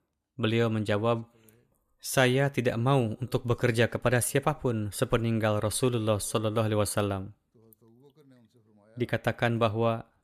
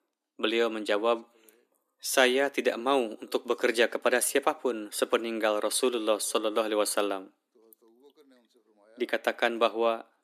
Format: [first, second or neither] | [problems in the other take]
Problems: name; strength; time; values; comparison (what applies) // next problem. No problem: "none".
first | thin; somewhat; fading below 250 Hz